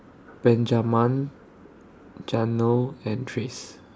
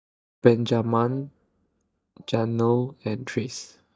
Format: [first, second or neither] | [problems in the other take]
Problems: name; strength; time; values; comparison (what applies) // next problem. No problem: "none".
first | noise reduction (neural mask model DeepFilterNet 3)